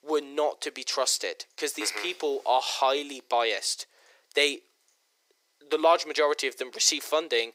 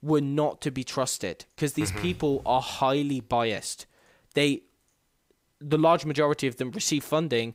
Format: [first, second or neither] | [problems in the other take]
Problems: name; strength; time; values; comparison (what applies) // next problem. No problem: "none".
second | thin; very; fading below 400 Hz